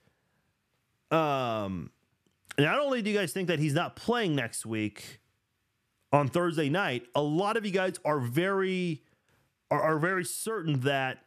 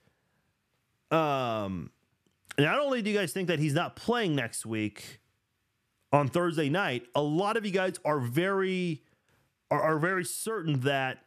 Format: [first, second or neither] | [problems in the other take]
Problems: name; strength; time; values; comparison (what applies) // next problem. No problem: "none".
neither | none